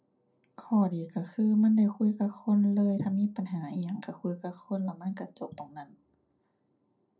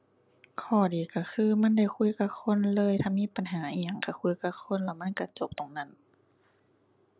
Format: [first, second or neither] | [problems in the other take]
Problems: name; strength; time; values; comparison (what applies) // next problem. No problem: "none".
second | room echo; dies away in 0.2 s